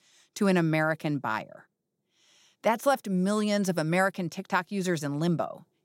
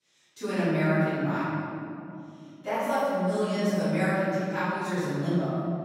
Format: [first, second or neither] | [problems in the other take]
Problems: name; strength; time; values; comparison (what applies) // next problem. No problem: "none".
first | off-mic speech; far // room echo; strong; dies away in 2.6 s